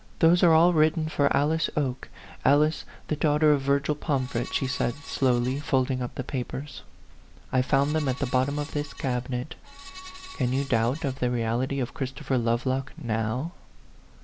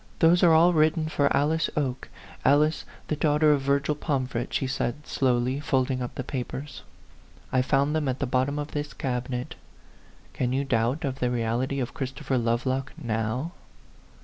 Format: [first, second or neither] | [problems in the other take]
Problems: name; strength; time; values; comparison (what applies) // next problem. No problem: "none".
second | background sound (Screech); 19 dB below the speech